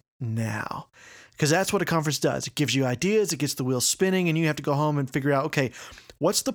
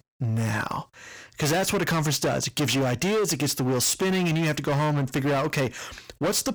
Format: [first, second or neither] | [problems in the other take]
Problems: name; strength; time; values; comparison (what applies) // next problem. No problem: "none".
first | distortion; heavy; 25% of the sound clipped